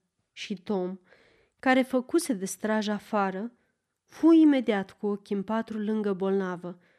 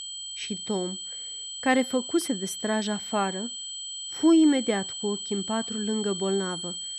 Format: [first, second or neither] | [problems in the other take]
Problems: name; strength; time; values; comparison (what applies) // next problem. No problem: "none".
first | high-pitched whine; loud; throughout; 3 kHz, 7 dB below the speech